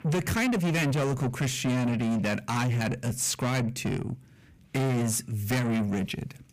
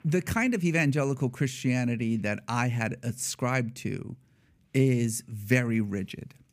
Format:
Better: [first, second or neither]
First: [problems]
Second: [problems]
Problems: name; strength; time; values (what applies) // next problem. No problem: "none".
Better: second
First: distortion; heavy; 6 dB below the speech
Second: none